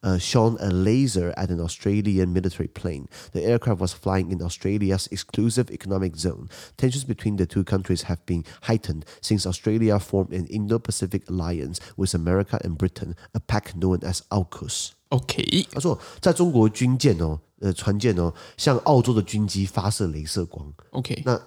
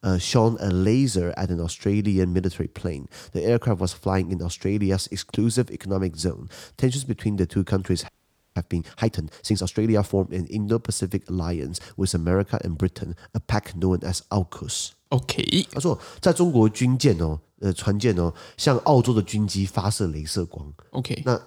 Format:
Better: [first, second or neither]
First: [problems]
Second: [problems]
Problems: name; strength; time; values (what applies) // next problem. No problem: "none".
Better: first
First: none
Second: audio freezing; at 8 s